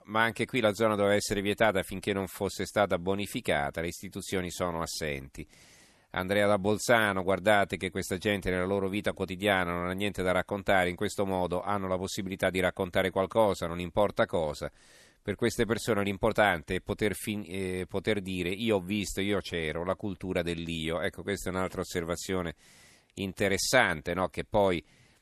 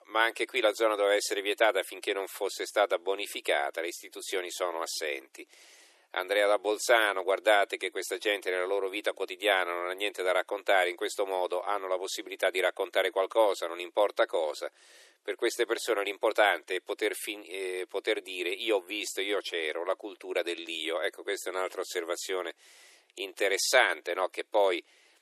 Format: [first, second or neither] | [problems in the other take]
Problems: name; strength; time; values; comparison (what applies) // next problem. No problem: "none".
first | thin; very; fading below 350 Hz